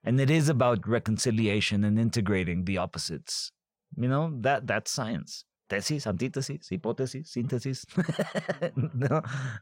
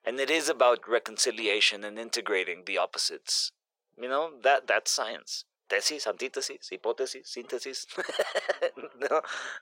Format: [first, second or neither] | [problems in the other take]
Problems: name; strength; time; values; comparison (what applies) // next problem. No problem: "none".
first | thin; very; fading below 400 Hz